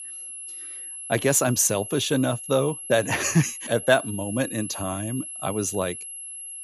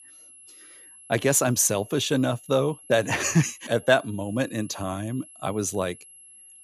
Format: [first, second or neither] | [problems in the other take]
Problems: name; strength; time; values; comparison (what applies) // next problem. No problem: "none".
second | high-pitched whine; loud; throughout; 11 kHz, 10 dB below the speech; faint in the second